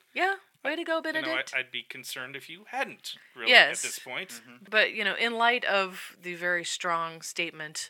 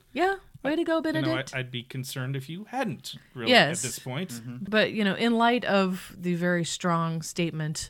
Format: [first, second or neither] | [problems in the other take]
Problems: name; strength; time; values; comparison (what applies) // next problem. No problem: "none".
second | thin; very; fading below 450 Hz